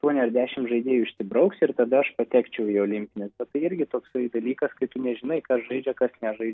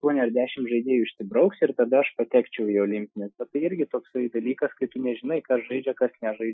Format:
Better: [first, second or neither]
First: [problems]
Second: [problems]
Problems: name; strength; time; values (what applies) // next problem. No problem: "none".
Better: first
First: none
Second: noise reduction (classical method Wiener filter)